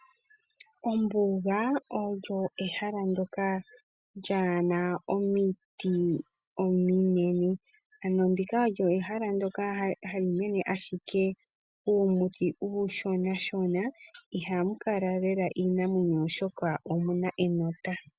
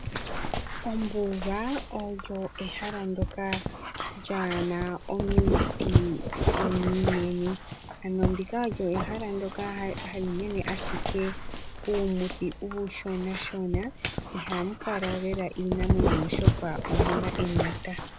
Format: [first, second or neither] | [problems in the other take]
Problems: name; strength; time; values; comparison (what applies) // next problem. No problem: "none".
first | background sound (Dog); 1 dB above the speech